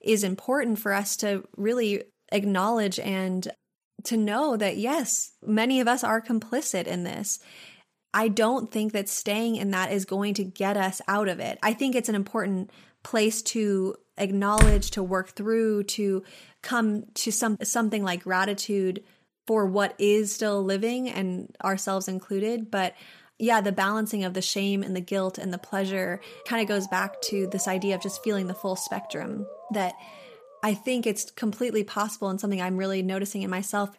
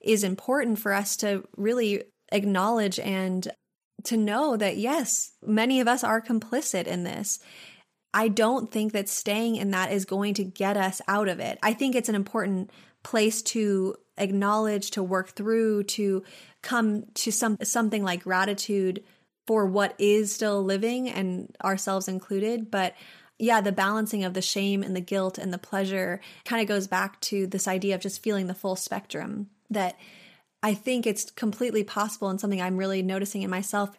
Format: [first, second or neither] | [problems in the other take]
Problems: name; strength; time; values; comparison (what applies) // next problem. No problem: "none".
second | door banging; loud; at 15 s; peak 4 dB above the speech // siren; faint; from 25 to 31 s; peak 10 dB below the speech